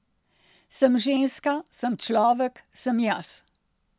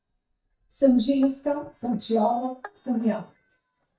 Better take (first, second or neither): first